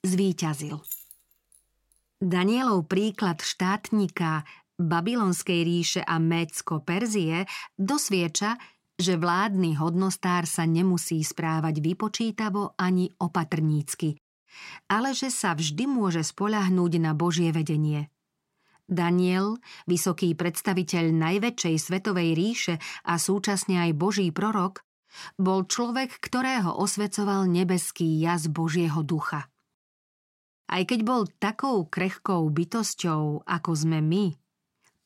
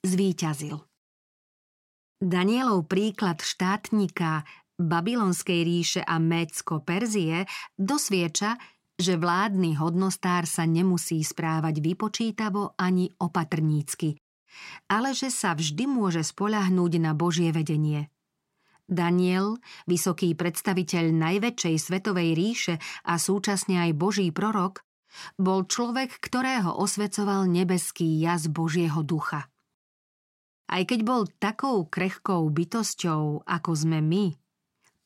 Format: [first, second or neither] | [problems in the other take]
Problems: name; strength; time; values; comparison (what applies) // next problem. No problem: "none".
second | jangling keys; faint; at 1 s; peak 10 dB below the speech